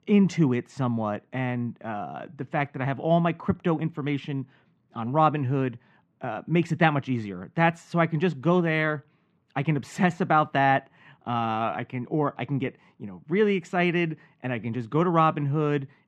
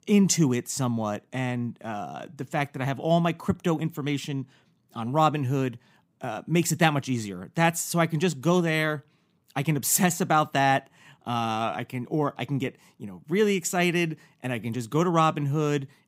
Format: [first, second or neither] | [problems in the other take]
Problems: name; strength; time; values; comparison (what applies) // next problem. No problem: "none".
second | muffled; very; fading above 2 kHz